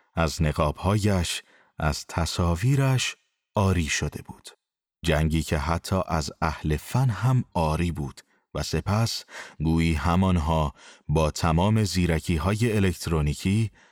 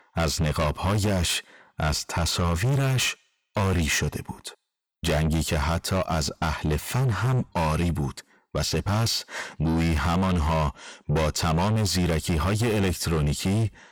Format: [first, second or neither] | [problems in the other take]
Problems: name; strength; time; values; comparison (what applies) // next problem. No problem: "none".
first | distortion; heavy; 7 dB below the speech